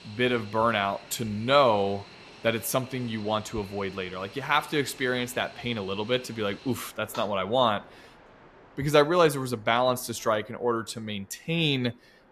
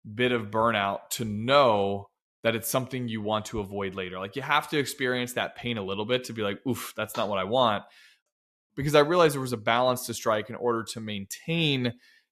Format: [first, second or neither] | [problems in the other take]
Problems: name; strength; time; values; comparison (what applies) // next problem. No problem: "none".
second | train or aircraft noise; faint; throughout; 20 dB below the speech